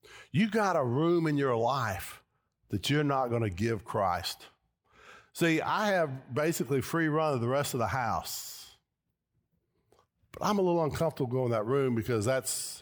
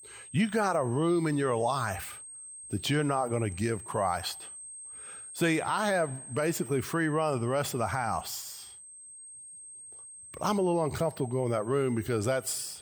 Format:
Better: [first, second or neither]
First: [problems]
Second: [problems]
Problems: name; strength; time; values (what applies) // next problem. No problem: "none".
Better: first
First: none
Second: high-pitched whine; noticeable; throughout; 8.5 kHz, 15 dB below the speech